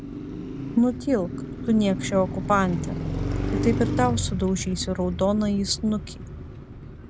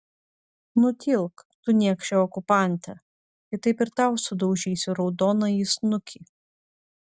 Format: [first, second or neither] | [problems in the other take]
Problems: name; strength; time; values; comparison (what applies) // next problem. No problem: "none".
second | background sound (Car passing by); 5 dB below the speech